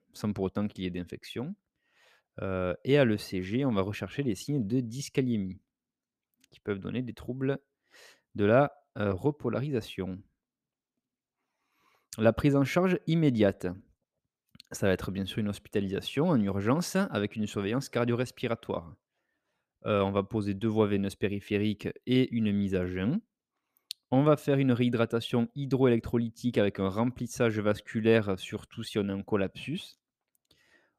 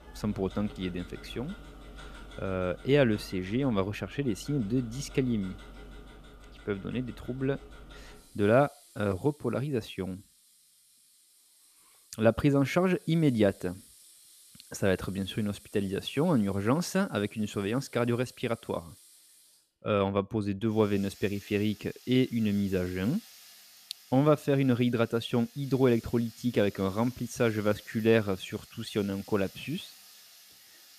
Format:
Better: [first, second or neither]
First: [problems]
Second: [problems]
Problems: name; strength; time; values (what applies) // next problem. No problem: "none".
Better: first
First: none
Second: household noises; faint; throughout; 20 dB below the speech